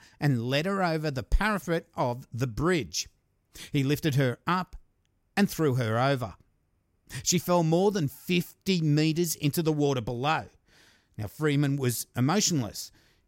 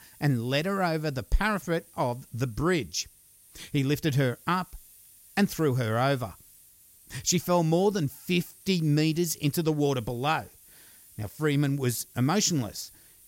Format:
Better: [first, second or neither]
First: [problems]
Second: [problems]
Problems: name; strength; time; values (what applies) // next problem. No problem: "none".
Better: first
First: none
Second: hiss; faint; throughout; 25 dB below the speech